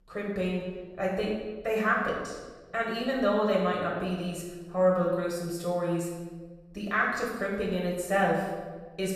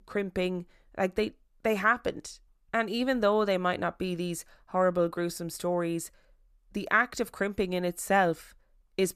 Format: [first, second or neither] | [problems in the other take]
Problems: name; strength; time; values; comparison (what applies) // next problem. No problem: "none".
second | off-mic speech; far // room echo; noticeable; dies away in 1.2 s